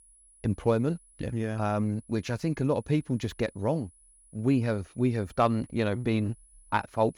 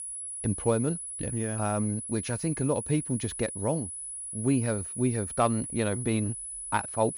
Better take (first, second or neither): first